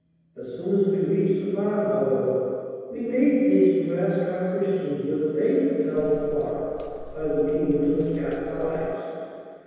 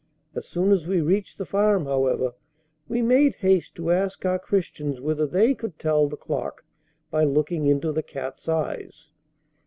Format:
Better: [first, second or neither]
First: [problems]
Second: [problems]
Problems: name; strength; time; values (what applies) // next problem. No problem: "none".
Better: second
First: background sound (Walk, footsteps); 16 dB below the speech // room echo; dies away in 2.1 s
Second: none